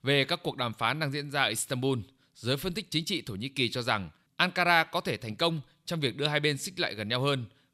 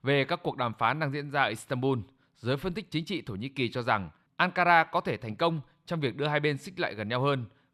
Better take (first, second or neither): first